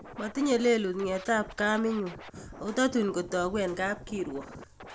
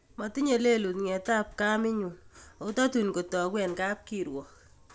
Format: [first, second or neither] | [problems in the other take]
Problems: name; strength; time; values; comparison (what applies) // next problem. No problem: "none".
second | background sound (Scratching (performance technique)); 17 dB below the speech